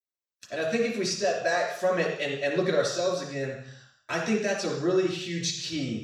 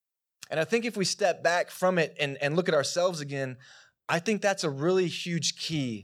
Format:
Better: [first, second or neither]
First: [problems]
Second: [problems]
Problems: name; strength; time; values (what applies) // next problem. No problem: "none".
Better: second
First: room echo; noticeable; dies away in 0.7 s // off-mic speech; far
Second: none